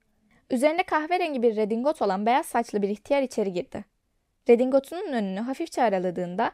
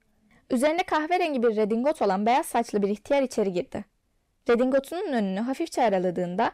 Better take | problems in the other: first | distortion; slight; 10 dB below the speech

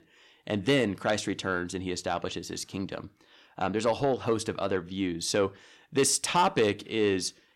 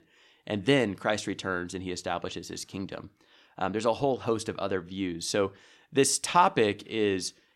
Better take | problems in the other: second | distortion; slight; 10 dB below the speech

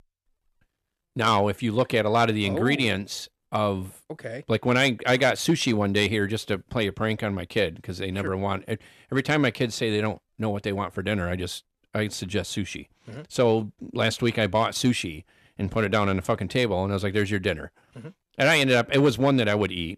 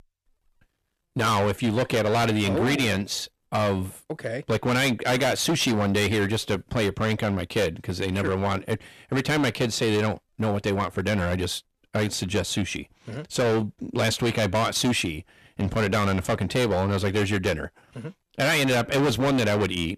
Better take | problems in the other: first | distortion; heavy; 17% of the sound clipped

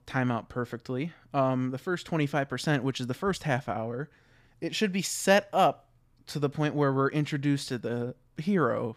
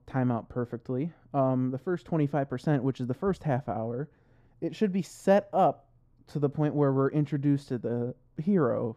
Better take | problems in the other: first | muffled; slightly; fading above 1.5 kHz

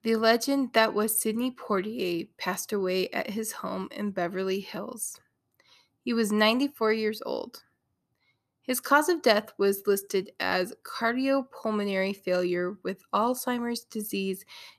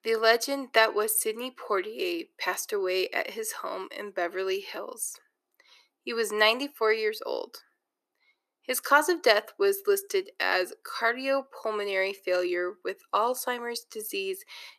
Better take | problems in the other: first | thin; somewhat; fading below 350 Hz

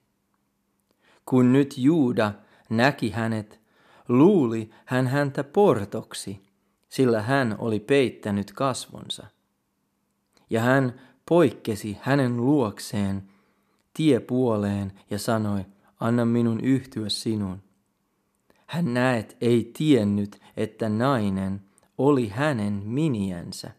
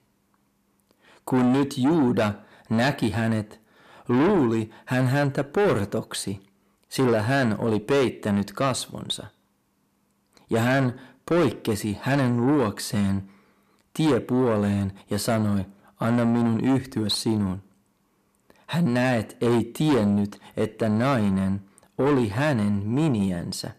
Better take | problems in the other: first | distortion; heavy; 7 dB below the speech

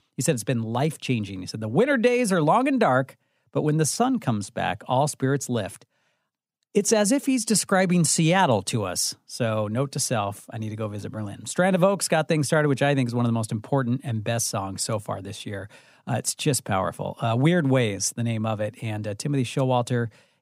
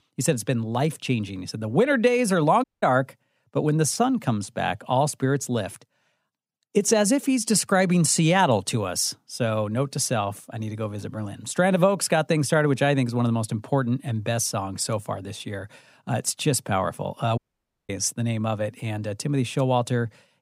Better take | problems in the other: first | audio cutting out; at 2.5 s and at 17 s for 0.5 s

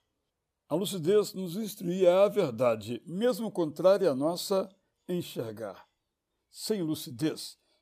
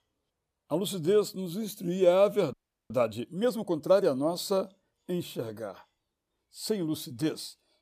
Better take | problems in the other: first | audio freezing; at 2.5 s

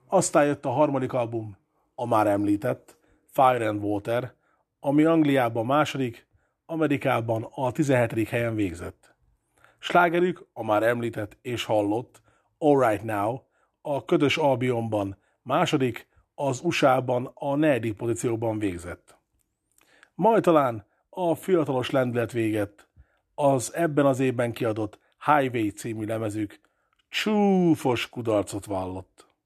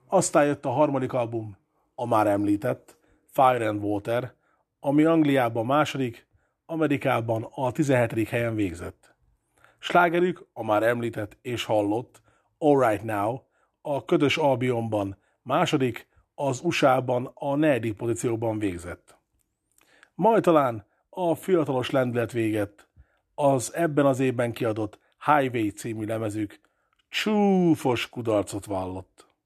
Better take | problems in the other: neither | none

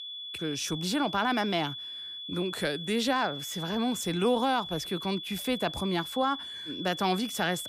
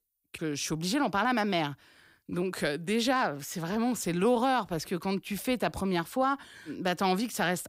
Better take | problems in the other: second | high-pitched whine; loud; throughout; 3.5 kHz, 7 dB below the speech

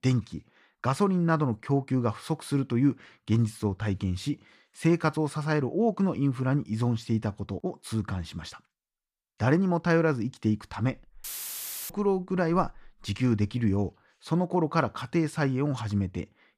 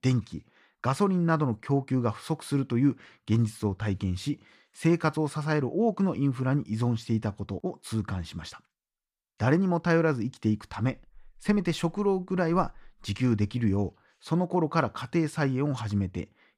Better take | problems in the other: second | audio cutting out; filled with static; at 11 s for 0.5 s

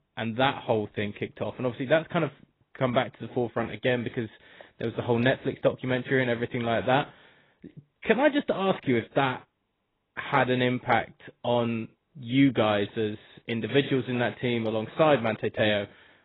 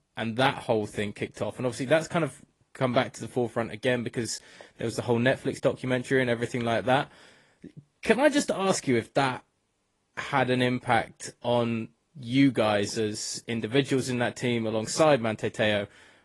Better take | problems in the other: second | garbled, watery; badly; nothing above 4 kHz; slightly in the second

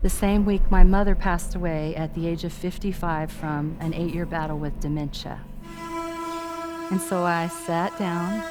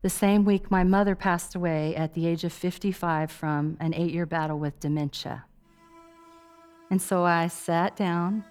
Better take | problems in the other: second | animal sounds; loud; throughout; 7 dB below the speech; faint in the second

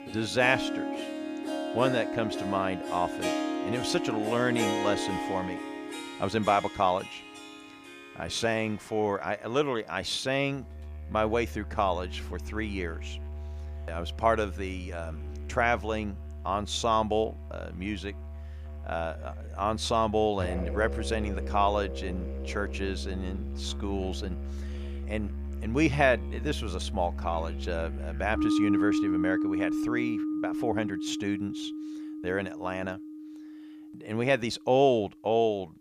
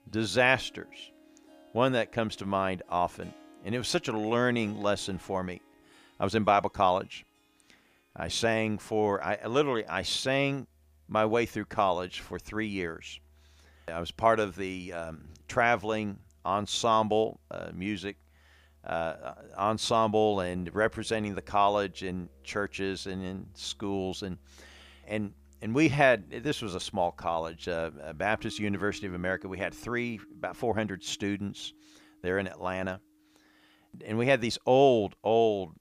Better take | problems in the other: second | background music; loud; throughout; 5 dB below the speech; faint in the second

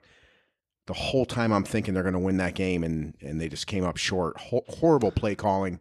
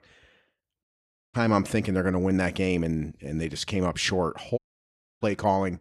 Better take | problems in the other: first | audio cutting out; at 1 s and at 4.5 s for 0.5 s

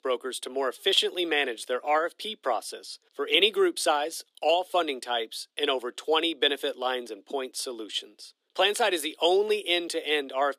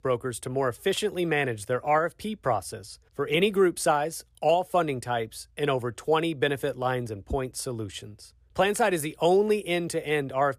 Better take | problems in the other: second | thin; somewhat; fading below 250 Hz

